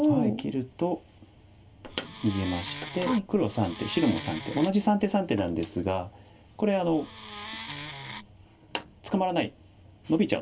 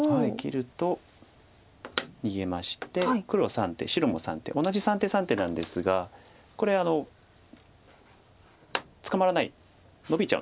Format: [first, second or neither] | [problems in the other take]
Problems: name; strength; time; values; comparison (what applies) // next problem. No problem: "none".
second | background sound (Wood); 12 dB below the speech // room echo; dies away in 0.2 s